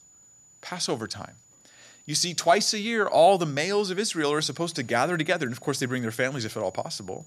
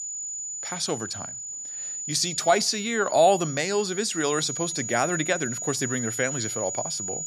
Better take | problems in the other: first | high-pitched whine; loud; throughout; 7 kHz, 5 dB below the speech; faint in the first

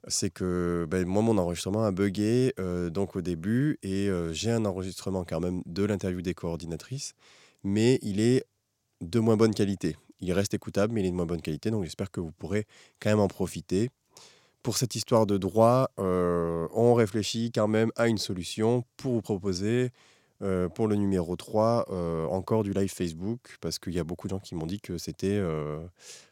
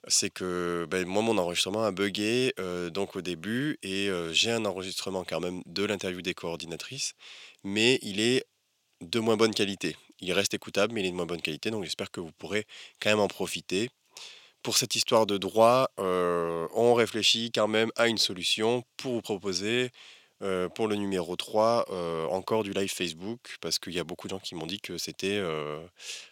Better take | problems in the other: first | thin; very slightly; fading below 1 kHz

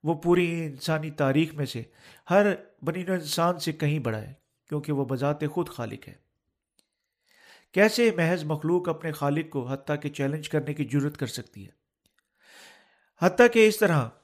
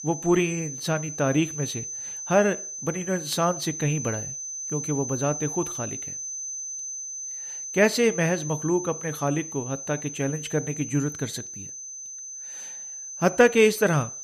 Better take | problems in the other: first | high-pitched whine; loud; throughout; 6 kHz, 8 dB below the speech

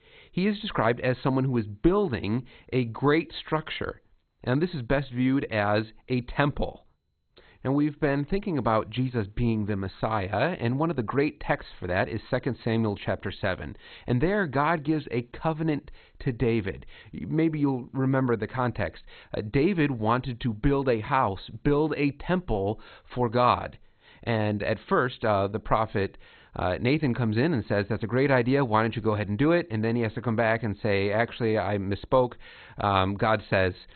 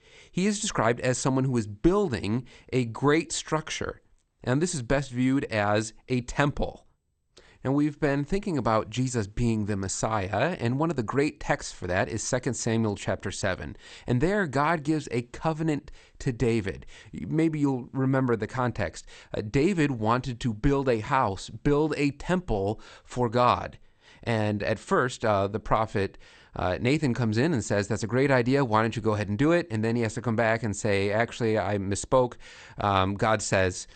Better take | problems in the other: second | garbled, watery; badly; nothing above 4 kHz; slightly in the second

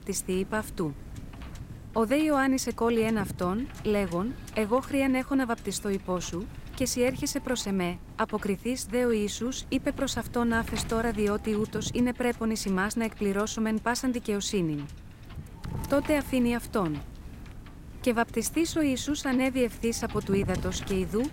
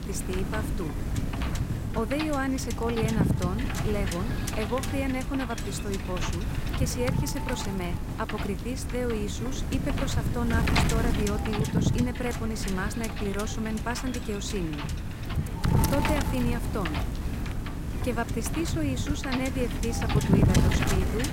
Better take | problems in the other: first | wind noise on the microphone; heavy; 1 dB below the speech; occasional gusts in the first

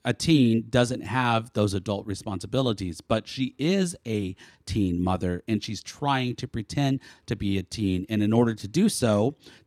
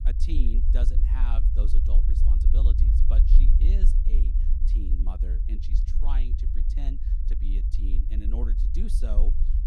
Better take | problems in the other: first | low rumble; loud; throughout; 2 dB below the speech

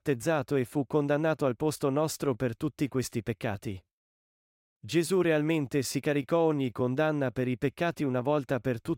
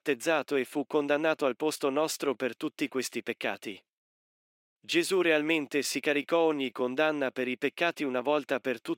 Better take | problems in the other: first | thin; very slightly; fading below 250 Hz

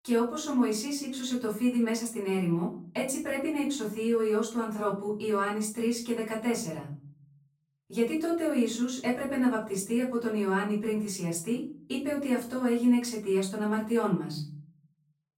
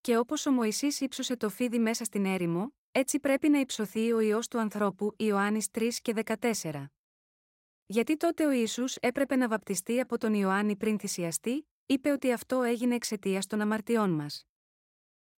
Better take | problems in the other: second | room echo; slight; dies away in 0.6 s // off-mic speech; far

